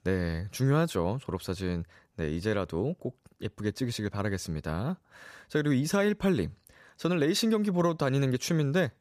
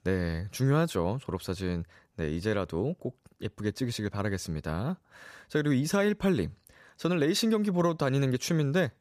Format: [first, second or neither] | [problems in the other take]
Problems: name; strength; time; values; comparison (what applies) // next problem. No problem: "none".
neither | none